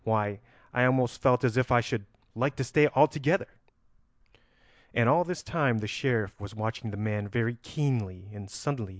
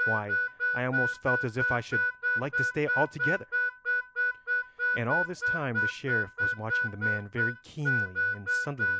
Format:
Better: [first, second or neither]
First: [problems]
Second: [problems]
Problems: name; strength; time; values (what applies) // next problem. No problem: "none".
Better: first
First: none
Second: background sound (Harmonica); 5 dB above the speech